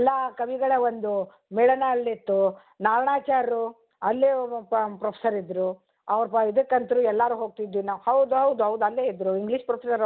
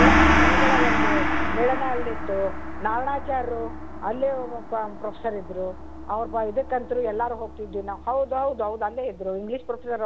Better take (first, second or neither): first